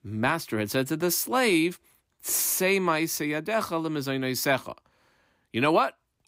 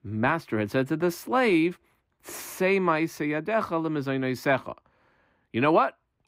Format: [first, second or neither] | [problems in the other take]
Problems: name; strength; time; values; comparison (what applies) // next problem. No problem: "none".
first | muffled; slightly; fading above 3.5 kHz